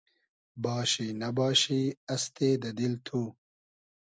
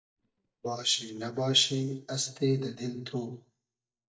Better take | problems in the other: first | noise reduction (neural mask model DeepFilterNet 3)

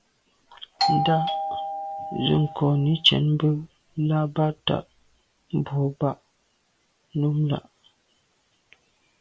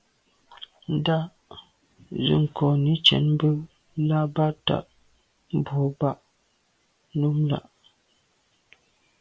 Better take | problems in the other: second | background sound (Doorbell); 2 dB below the speech

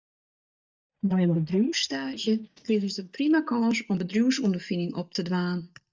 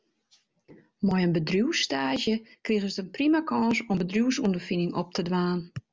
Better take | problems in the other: second | noise reduction (neural mask model DeepFilterNet 3)

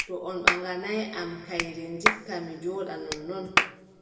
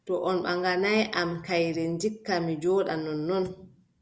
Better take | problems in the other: second | background sound (Clapping); 3 dB above the speech // room echo; dies away in 1.7 s

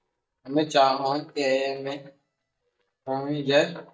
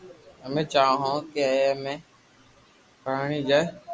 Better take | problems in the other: second | noise reduction (neural mask model DeepFilterNet 3)

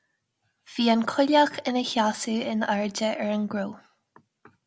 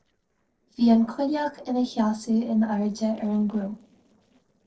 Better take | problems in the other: first | noise reduction (neural separator model SepFormer DNS4)

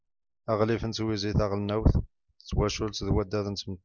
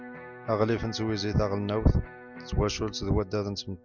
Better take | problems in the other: first | background sound (Electric guitar); 17 dB below the speech

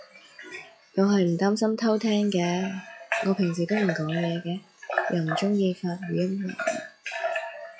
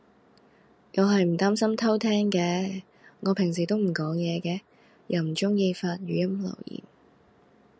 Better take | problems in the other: second | noise reduction (classical method log-MMSE)

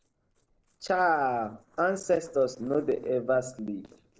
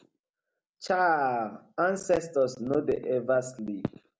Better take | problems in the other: second | noise reduction (neural separator model SepFormer DNS4)

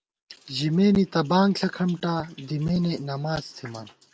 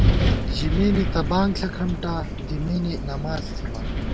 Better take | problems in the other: first | background sound (Wind); 2 dB above the speech

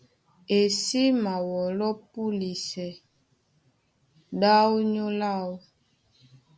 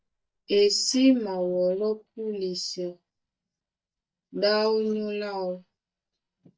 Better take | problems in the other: first | noise reduction (neural mask model DeepFilterNet 3)

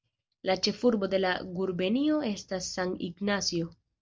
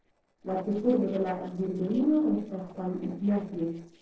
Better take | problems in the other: first | noise reduction (neural separator model SepFormer DNS4)

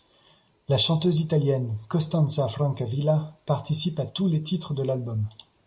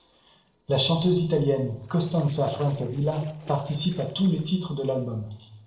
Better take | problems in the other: first | noise reduction (neural separator model SepFormer DNS4)

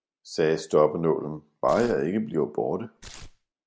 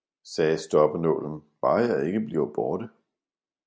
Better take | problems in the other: second | background sound (Tearing); 19 dB below the speech

